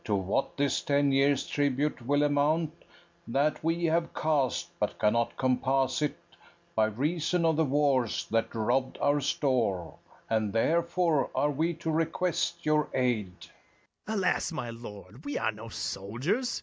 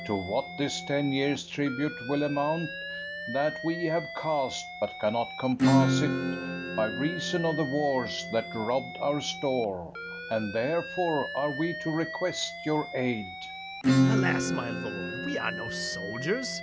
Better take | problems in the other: first | background sound (Alarm + Acoustic guitar / Strum); 2 dB below the speech

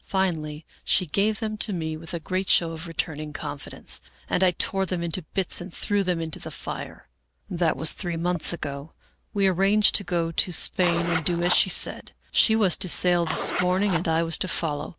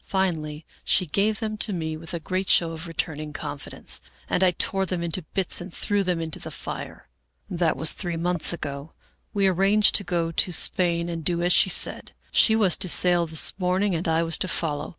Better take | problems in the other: second | background sound (Zipper (clothing)); 4 dB below the speech

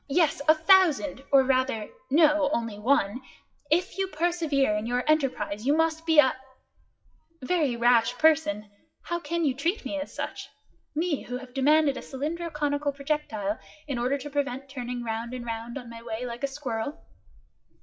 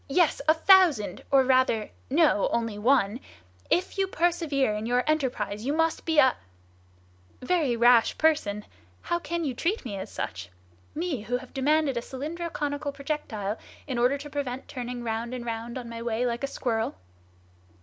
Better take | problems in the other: second | noise reduction (classical method WPE with log-MMSE)

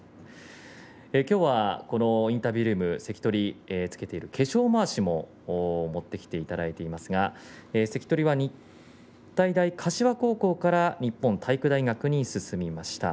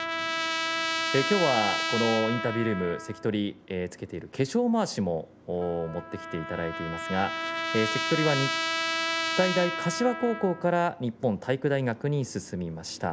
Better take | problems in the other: first | background sound (Trumpet); 4 dB below the speech

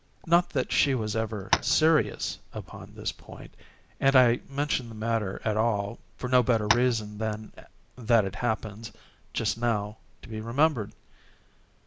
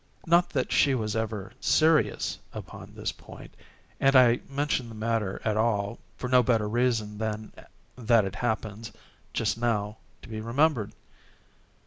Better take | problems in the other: second | background sound (Tap); 2 dB below the speech

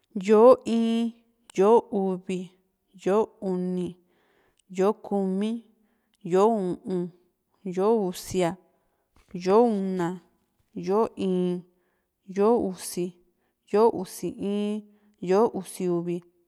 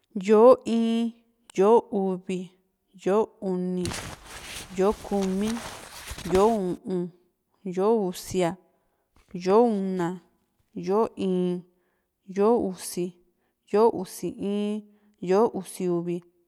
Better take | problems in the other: first | background sound (Crumpling, crinkling); 13 dB below the speech

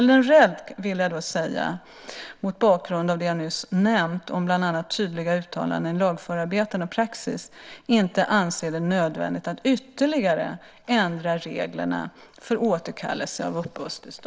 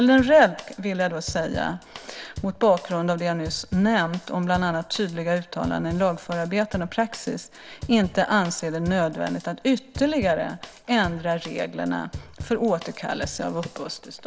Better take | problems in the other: first | background sound (Drum kit); 17 dB below the speech

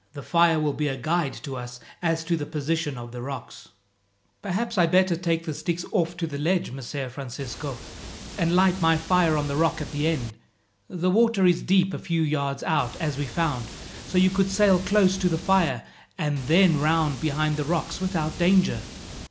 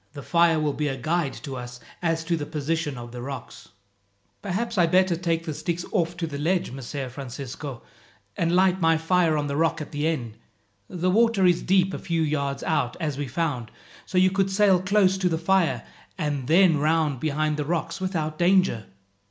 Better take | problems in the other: second | background sound (Water); 13 dB below the speech

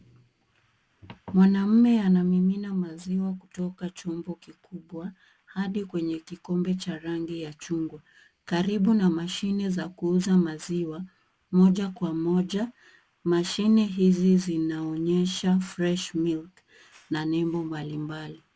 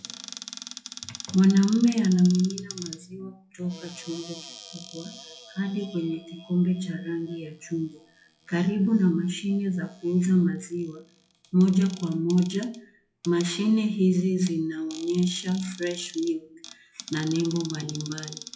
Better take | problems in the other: first | noise reduction (classical method WPE with log-MMSE)

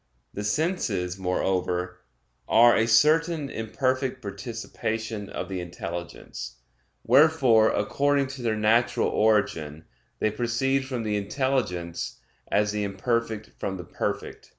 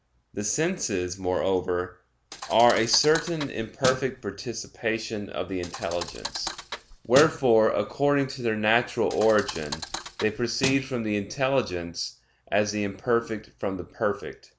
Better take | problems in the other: first | background sound (Thump, thud); 9 dB below the speech

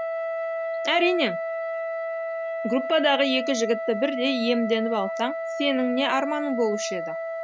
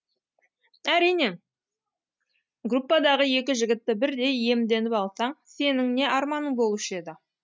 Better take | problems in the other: second | background sound (Wind instrument, woodwind instrument); 4 dB below the speech

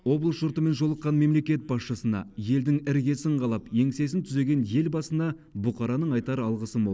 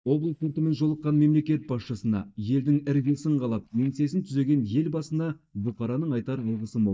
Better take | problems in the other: first | noise reduction (neural mask model DeepFilterNet 3)

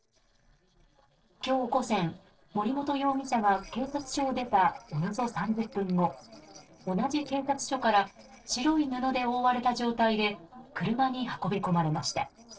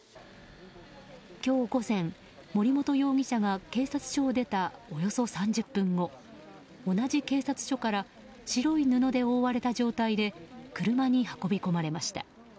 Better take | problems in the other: second | noise reduction (neural separator model SepFormer DNS4)

